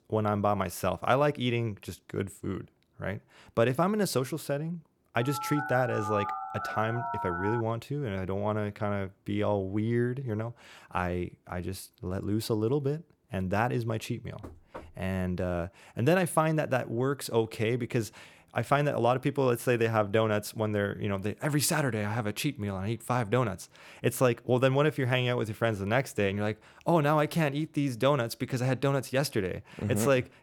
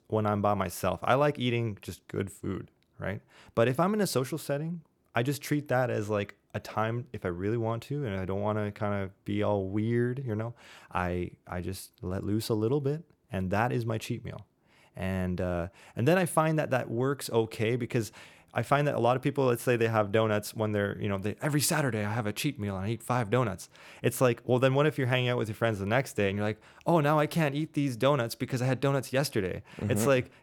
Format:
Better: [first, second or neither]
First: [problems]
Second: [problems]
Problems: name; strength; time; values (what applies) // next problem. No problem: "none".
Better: second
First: phone ringing; noticeable; from 5 to 7.5 s; peak 4 dB below the speech // door banging; faint; at 14 s; peak 15 dB below the speech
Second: none